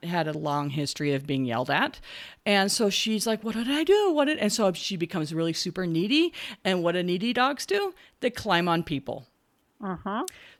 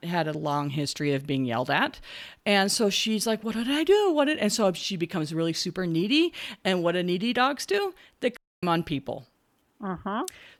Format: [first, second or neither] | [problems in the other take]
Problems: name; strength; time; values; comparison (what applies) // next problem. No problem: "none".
first | audio cutting out; at 8.5 s